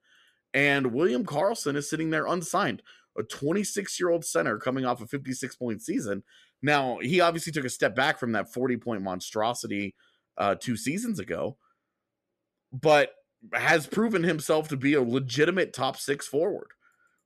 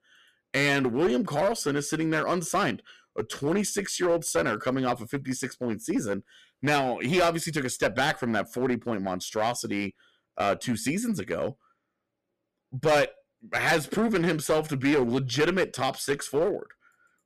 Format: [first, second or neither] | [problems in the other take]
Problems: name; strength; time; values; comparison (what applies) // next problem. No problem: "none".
first | distortion; slight; 6% of the sound clipped